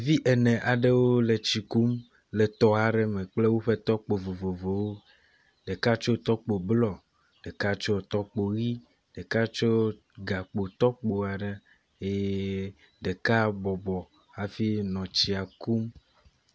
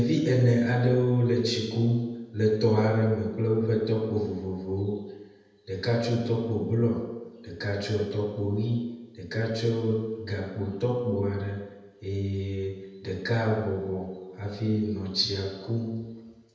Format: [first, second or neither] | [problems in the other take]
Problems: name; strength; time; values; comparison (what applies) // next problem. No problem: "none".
first | room echo; dies away in 1 s